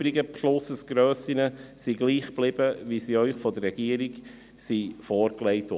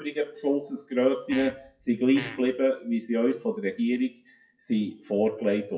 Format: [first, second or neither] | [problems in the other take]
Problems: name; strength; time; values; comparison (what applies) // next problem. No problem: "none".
first | noise reduction (classical method WPE with log-MMSE)